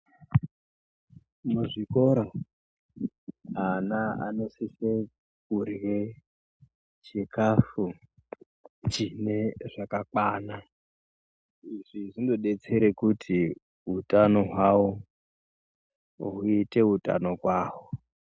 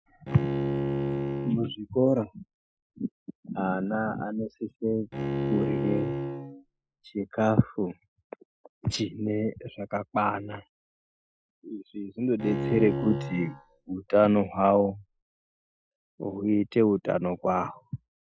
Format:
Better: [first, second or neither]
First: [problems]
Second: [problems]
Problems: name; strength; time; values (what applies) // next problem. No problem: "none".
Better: first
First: none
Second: noise reduction (classical method Wiener filter)